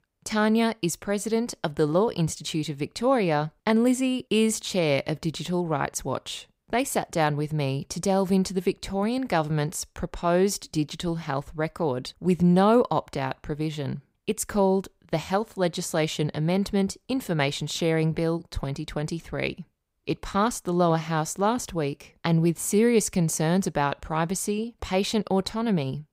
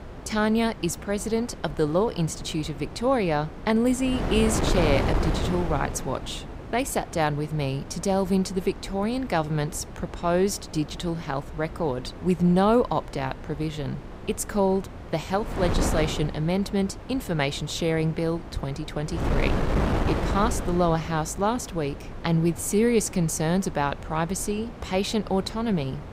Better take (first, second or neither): first